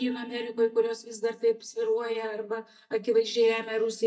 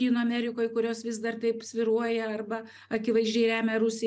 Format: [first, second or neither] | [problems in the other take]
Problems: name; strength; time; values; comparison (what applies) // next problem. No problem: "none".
second | noise reduction (neural mask model DeepFilterNet 3)